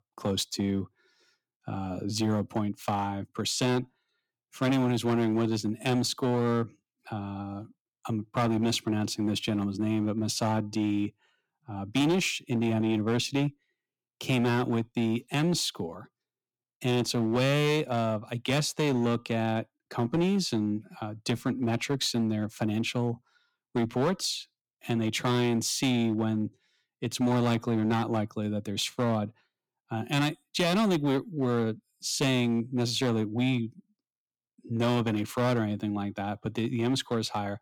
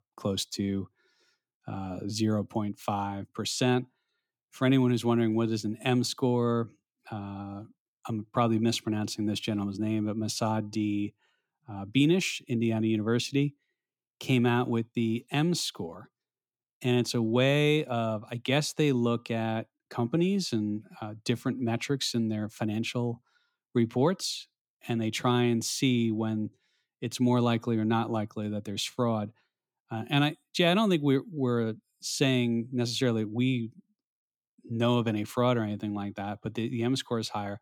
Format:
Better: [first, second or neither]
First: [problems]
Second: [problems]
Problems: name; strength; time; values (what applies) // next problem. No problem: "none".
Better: second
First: distortion; slight; 8% of the sound clipped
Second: none